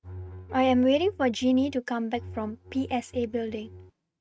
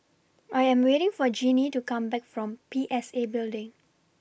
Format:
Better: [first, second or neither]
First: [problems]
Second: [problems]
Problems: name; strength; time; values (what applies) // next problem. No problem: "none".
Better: second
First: noise reduction (neural mask model RNNoise)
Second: none